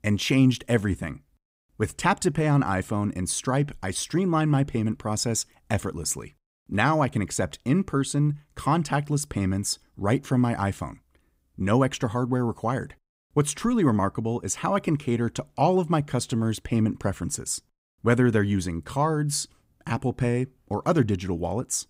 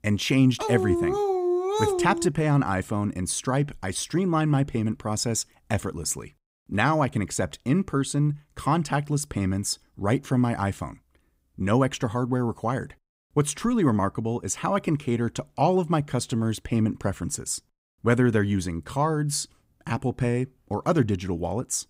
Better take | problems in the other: first | dog barking; loud; from 0.5 to 2.5 s; peak 1 dB above the speech

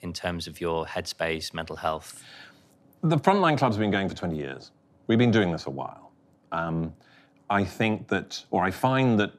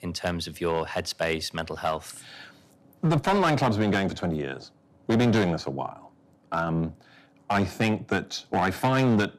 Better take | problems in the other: first | distortion; slight; 5% of the sound clipped

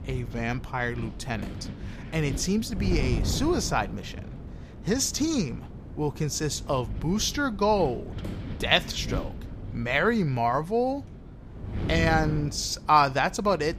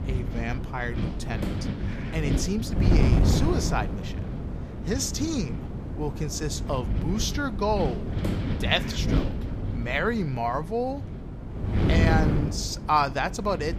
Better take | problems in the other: first | wind noise on the microphone; heavy; 8 dB below the speech; occasional gusts in the first

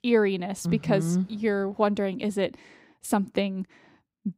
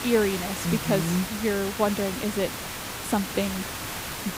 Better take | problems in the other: first | hiss; loud; throughout; 5 dB below the speech

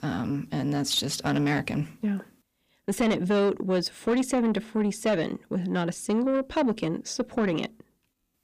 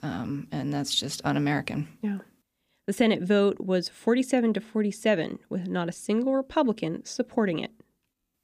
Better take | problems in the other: second | distortion; slight; 10 dB below the speech

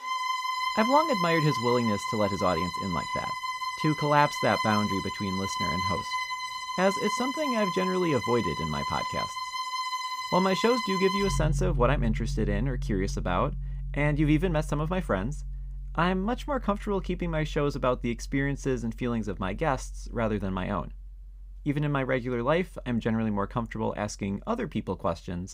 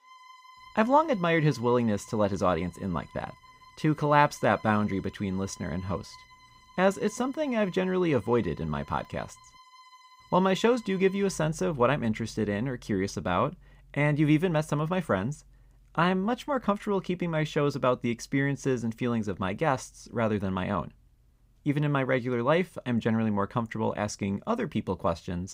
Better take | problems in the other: second | background music; loud; throughout; 4 dB below the speech; faint in the second

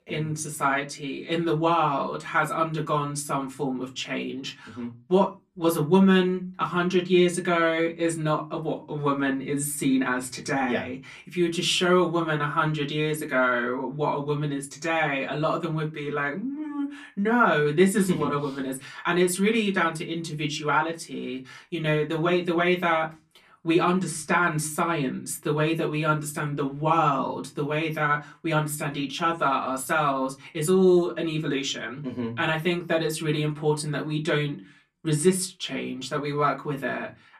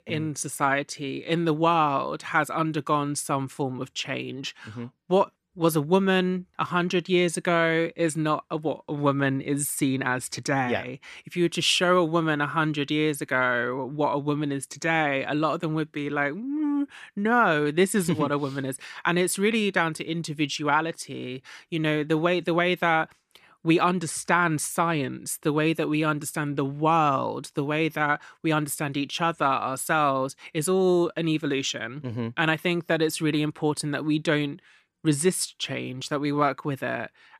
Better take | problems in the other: second | off-mic speech; far // room echo; very slight; dies away in 0.2 s

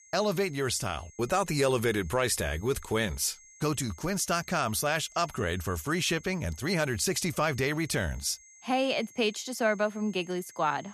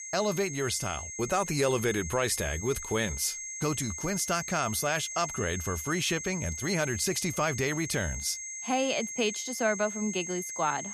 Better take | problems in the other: first | high-pitched whine; loud; throughout; 6.5 kHz, 6 dB below the speech; faint in the first

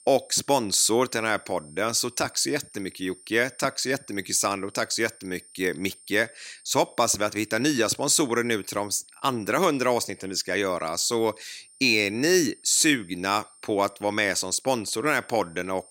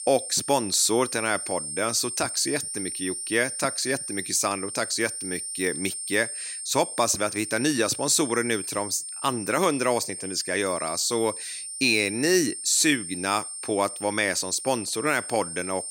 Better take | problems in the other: first | high-pitched whine; loud; throughout; 8.5 kHz, 7 dB below the speech; faint in the first

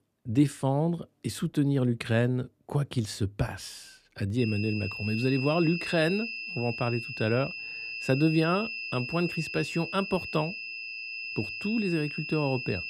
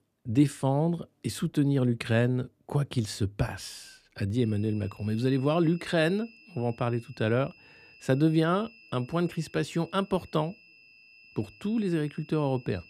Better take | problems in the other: second | high-pitched whine; loud; from 4.5 s on; 2.5 kHz, 5 dB below the speech; faint in the second

